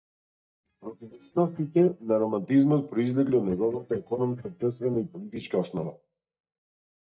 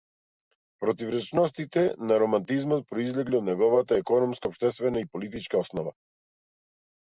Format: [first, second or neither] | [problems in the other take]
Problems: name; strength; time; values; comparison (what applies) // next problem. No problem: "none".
second | noise reduction (neural mask model DeepFilterNet 3)